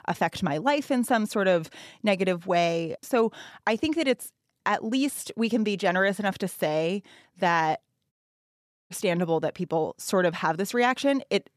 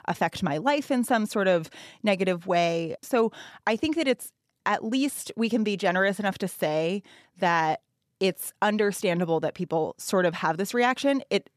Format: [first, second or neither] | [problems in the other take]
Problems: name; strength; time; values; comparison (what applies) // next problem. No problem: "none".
second | audio cutting out; at 8 s for 1 s